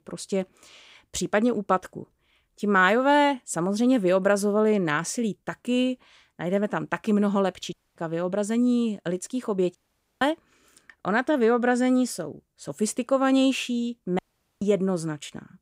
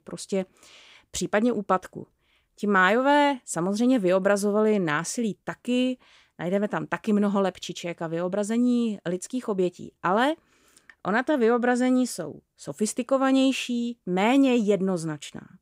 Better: second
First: audio cutting out; at 7.5 s, at 10 s and at 14 s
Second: none

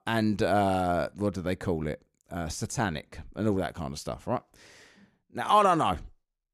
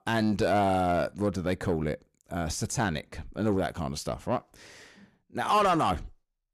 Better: first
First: none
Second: distortion; slight; 10 dB below the speech

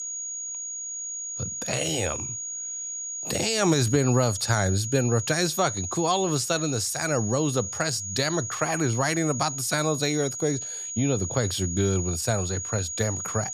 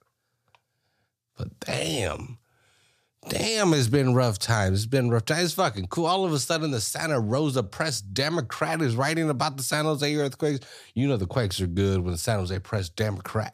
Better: second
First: high-pitched whine; loud; throughout; 6.5 kHz, 5 dB below the speech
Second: none

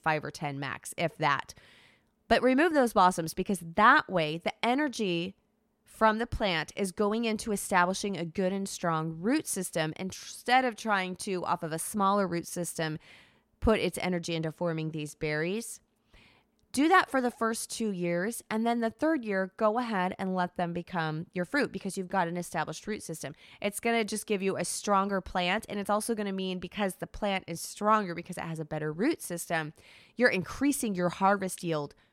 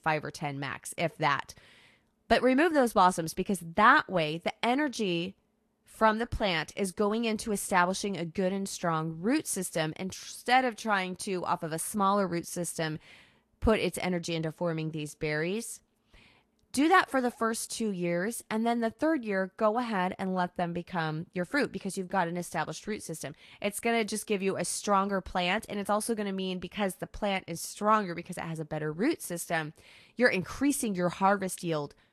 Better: first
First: none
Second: garbled, watery; slightly; nothing above 12.5 kHz

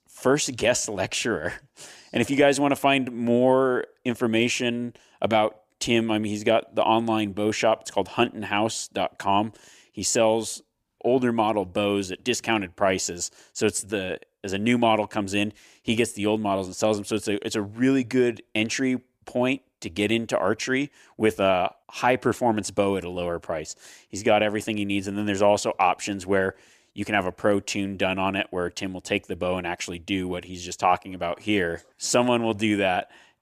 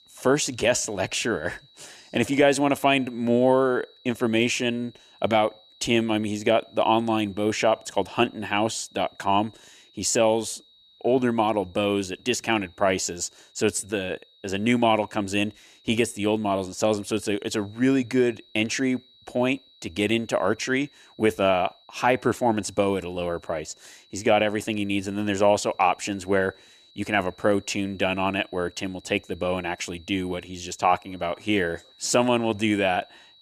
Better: first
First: none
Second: high-pitched whine; faint; throughout; 4 kHz, 30 dB below the speech

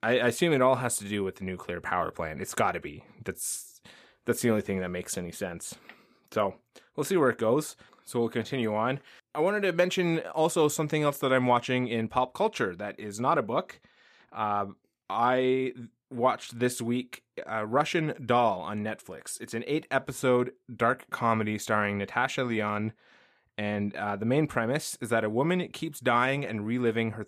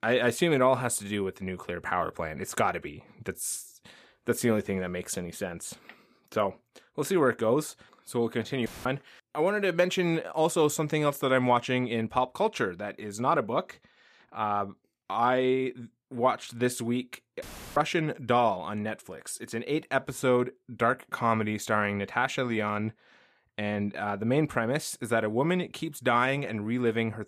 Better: first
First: none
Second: audio cutting out; filled with static; at 8.5 s and at 17 s

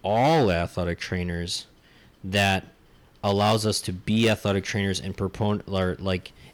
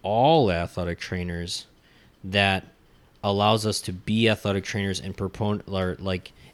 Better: second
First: distortion; slight; 4% of the sound clipped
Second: none

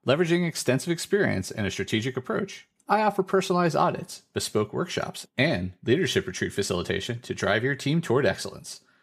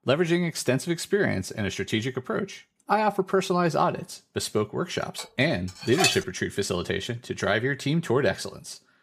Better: first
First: none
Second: clattering dishes; loud; at 5 s; peak 3 dB above the speech

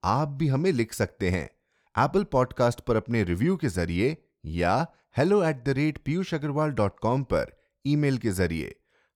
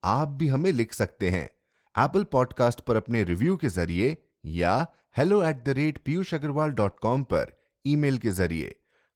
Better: first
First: none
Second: garbled, watery; slightly; nothing above 18.5 kHz

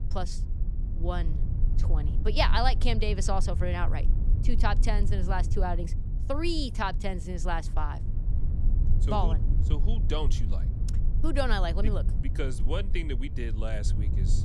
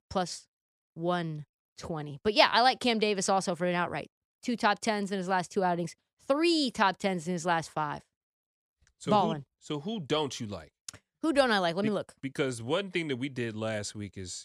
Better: second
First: low rumble; noticeable; throughout; 15 dB below the speech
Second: none

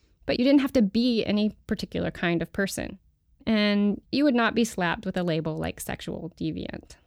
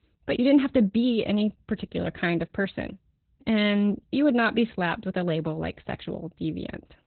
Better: first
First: none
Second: garbled, watery; badly; nothing above 4 kHz

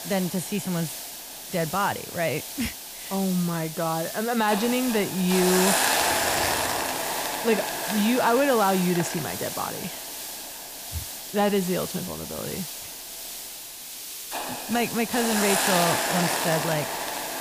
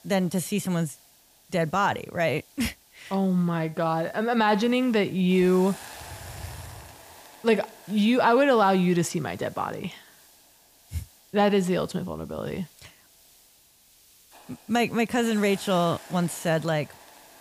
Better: second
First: hiss; loud; throughout; 2 dB below the speech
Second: hiss; faint; throughout; 25 dB below the speech

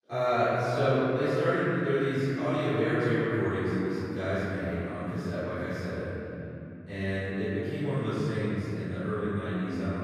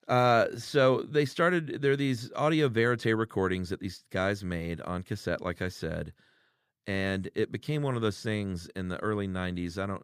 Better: second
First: off-mic speech; far // room echo; strong; dies away in 3 s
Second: none

